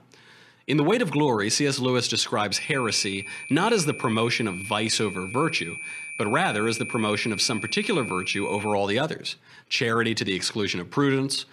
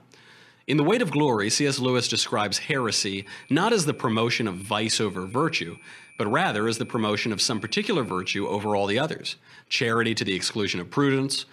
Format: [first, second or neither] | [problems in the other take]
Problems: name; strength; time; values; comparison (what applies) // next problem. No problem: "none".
second | high-pitched whine; loud; from 2.5 to 8.5 s; 2.5 kHz, 9 dB below the speech; faint in the second